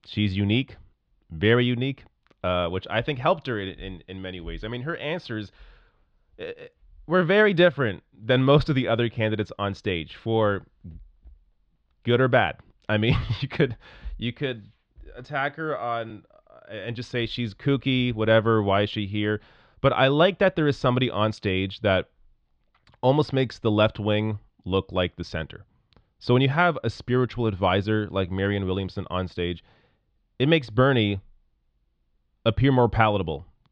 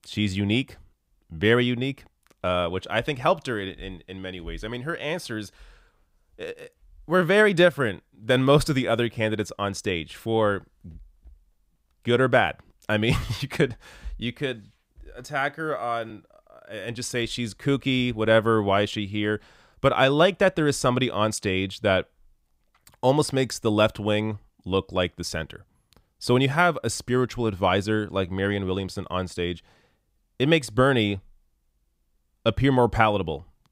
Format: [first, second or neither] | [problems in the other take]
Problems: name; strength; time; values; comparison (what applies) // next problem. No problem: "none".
second | muffled; slightly; fading above 4 kHz